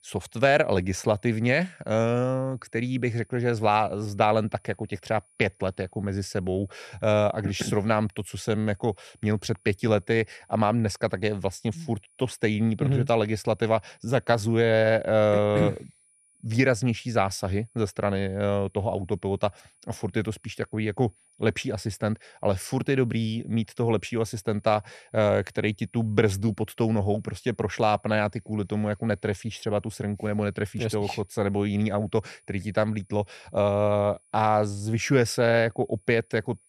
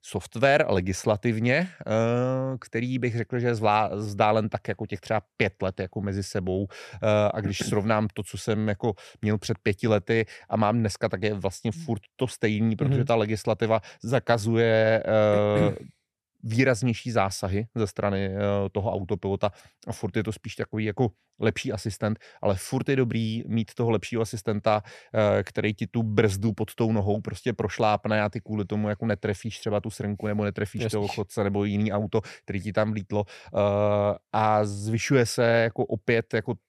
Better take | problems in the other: second | high-pitched whine; faint; throughout; 9.5 kHz, 35 dB below the speech

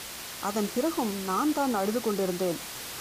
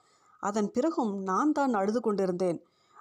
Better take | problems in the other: second | hiss; loud; throughout; 8 dB below the speech

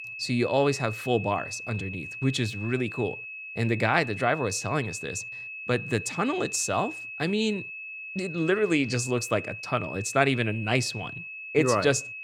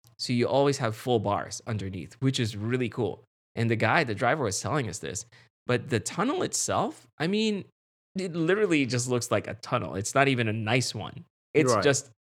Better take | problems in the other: second | high-pitched whine; loud; throughout; 2.5 kHz, 9 dB below the speech

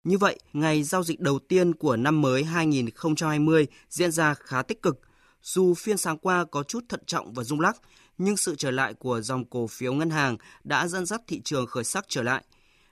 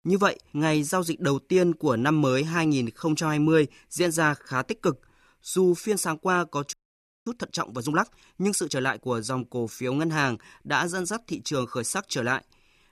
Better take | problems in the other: first | audio freezing; at 6.5 s for 0.5 s

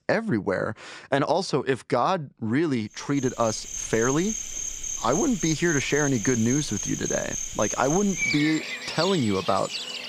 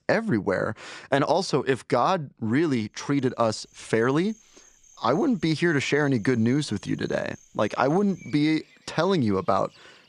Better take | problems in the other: second | animal sounds; loud; from 3.5 s on; 4 dB below the speech; faint in the second

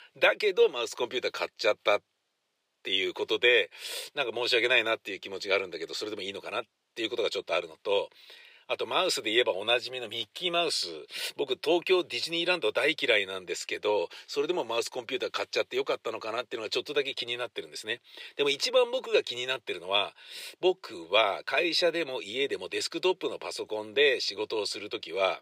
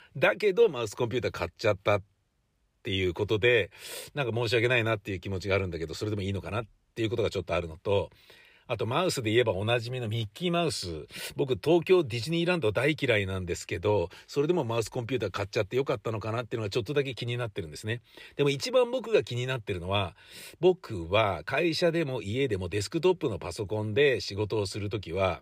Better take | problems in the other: second | thin; very; fading below 450 Hz

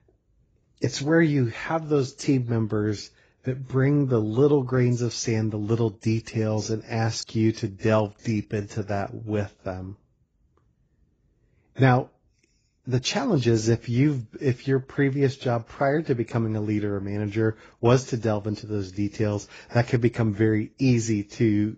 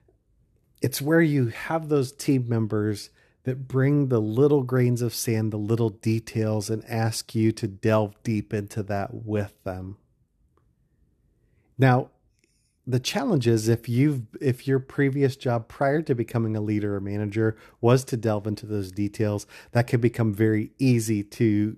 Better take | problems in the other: second | garbled, watery; badly; nothing above 7.5 kHz

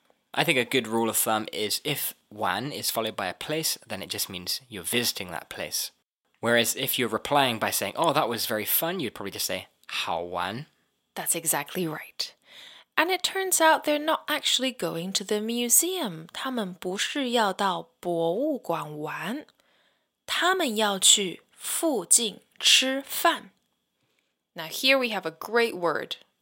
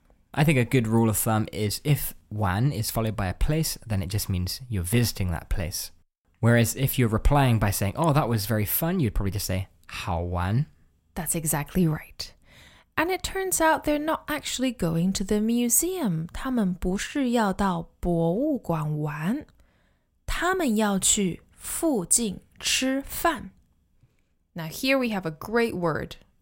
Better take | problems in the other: second | thin; somewhat; fading below 350 Hz

